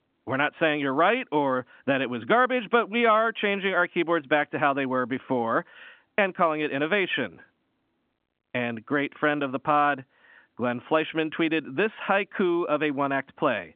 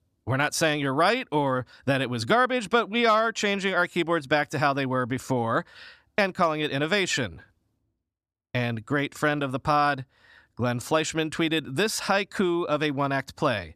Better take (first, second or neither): second